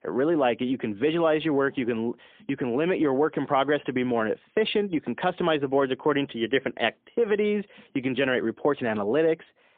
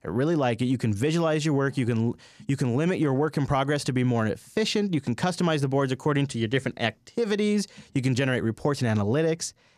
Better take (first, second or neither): second